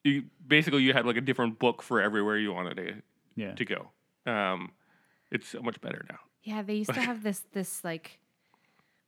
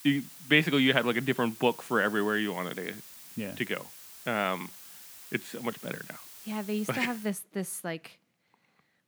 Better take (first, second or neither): first